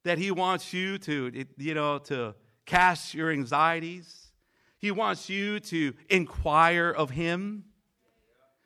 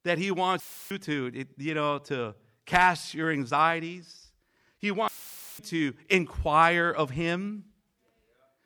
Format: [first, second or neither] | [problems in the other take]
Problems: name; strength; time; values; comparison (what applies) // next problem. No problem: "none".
first | audio cutting out; filled with static; at 0.5 s and at 5 s for 0.5 s